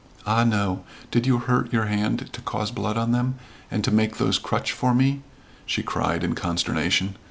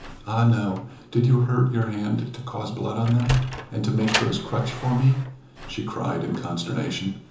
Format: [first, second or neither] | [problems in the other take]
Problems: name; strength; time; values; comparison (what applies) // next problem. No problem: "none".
first | background sound (Sliding door); 12 dB below the speech // room echo; dies away in 0.6 s